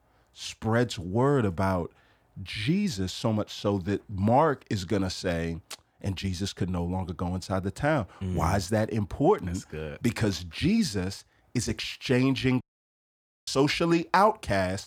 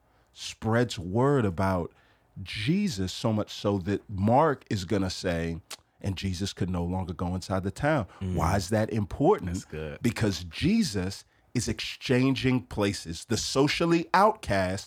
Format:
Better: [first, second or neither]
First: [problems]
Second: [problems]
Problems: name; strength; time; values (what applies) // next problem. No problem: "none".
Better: second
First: audio cutting out; at 13 s for 1 s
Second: none